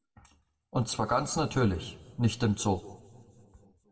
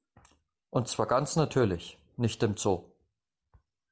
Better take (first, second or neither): second